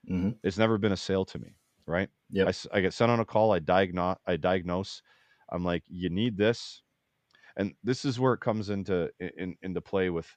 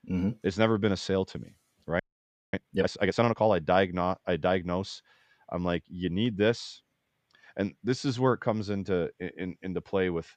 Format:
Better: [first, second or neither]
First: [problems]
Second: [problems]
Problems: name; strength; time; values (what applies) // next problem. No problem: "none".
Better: first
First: none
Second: audio freezing; at 2 s for 0.5 s